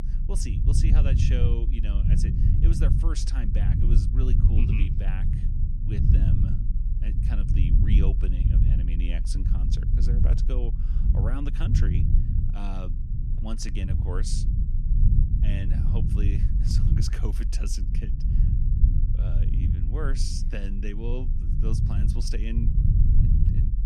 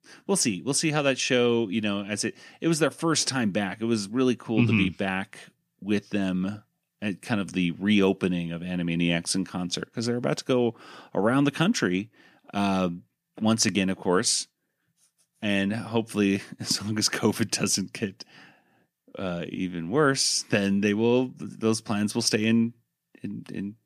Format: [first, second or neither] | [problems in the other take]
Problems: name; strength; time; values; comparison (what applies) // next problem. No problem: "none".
second | low rumble; loud; throughout; as loud as the speech